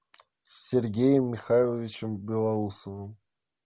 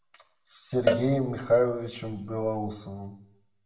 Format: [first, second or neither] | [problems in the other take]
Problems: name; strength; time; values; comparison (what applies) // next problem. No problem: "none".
first | background sound (Cowbell); 4 dB below the speech // room echo; dies away in 0.5 s